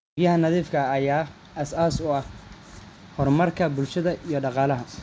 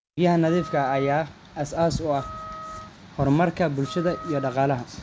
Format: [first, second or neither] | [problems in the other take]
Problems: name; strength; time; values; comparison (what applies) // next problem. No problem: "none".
first | background sound (Wind instrument, woodwind instrument); 17 dB below the speech